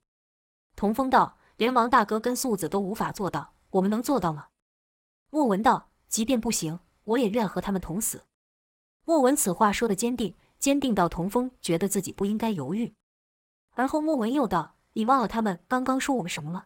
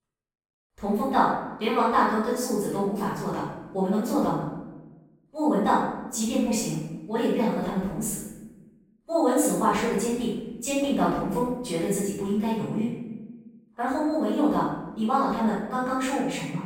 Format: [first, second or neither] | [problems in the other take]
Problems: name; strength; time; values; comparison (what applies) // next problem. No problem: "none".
first | room echo; strong; dies away in 0.9 s // off-mic speech; far